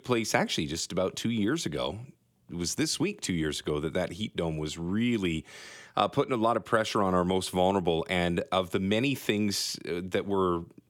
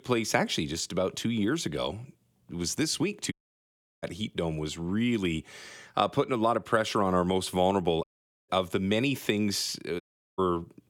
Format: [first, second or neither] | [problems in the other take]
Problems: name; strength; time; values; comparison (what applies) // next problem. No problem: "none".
first | audio cutting out; at 3.5 s for 0.5 s, at 8 s and at 10 s